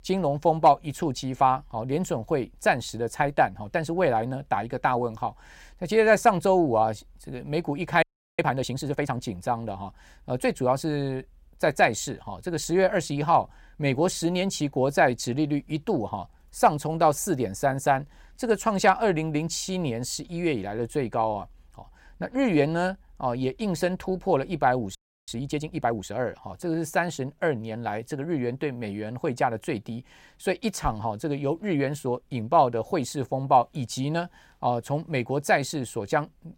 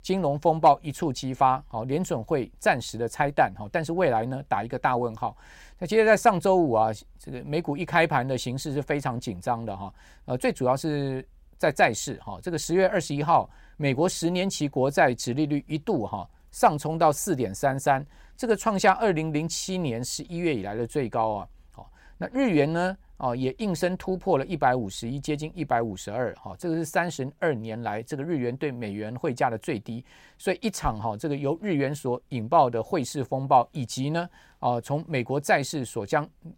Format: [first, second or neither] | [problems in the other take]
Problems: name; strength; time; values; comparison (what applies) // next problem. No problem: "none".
second | audio freezing; at 8 s and at 25 s